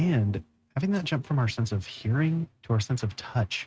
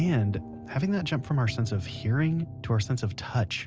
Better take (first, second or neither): second